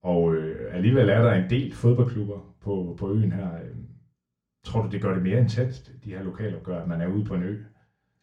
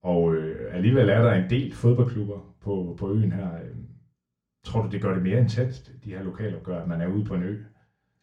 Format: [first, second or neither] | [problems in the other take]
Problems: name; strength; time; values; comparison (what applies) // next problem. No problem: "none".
neither | room echo; very slight; dies away in 0.3 s; the same in both // off-mic speech; far; the same in both